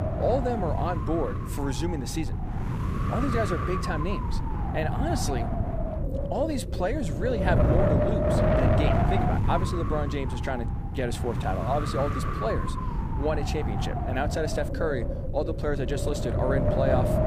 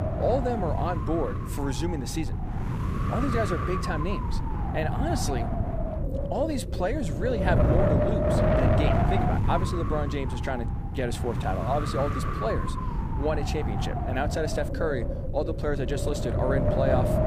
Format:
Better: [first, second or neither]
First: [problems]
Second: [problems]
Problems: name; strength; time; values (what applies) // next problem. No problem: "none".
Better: neither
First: wind noise on the microphone; heavy; 1 dB below the speech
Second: wind noise on the microphone; heavy; 1 dB below the speech